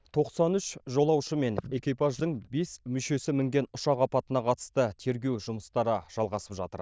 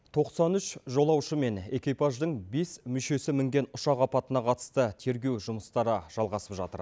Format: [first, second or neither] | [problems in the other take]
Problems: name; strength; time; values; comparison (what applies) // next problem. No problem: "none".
second | noise reduction (neural diffusion model UNIVERSE++)